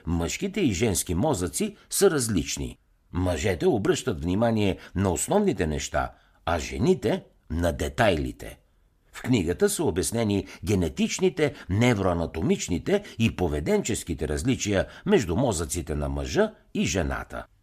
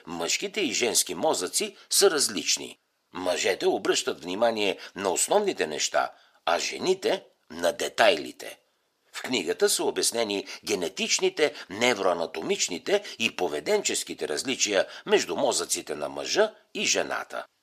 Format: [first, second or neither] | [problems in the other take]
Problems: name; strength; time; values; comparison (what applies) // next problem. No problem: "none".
first | thin; somewhat; fading below 500 Hz